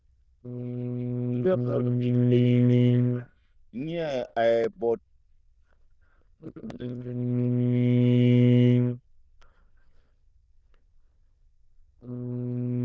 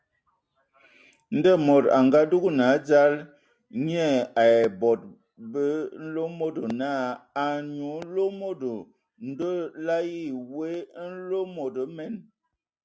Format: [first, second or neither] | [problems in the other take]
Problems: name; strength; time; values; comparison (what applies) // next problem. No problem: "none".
second | noise reduction (neural diffusion model UNIVERSE++)